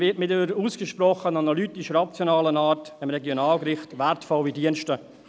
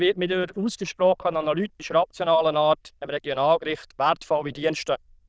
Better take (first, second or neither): first